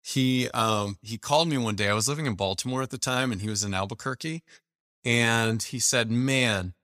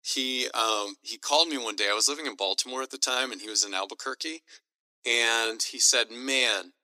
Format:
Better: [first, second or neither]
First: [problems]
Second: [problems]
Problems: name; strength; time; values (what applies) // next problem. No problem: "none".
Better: first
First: none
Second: thin; somewhat; fading below 300 Hz